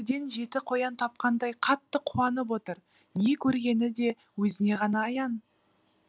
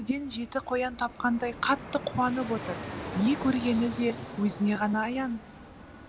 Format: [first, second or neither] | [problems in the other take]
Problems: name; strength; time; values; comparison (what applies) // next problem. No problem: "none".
first | background sound (Fixed-wing aircraft, airplane); 11 dB below the speech